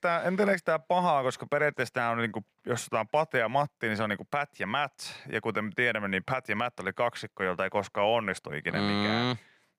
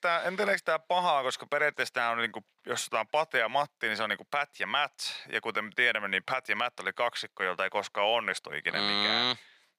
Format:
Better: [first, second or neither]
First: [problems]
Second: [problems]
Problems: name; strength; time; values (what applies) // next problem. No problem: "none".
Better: first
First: none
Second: thin; somewhat; fading below 800 Hz